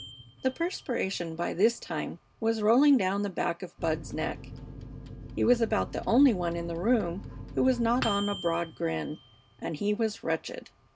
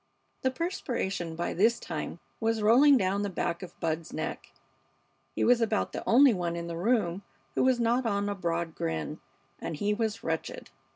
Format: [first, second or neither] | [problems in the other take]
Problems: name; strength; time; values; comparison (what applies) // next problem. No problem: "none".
second | background sound (Microwave oven); 14 dB below the speech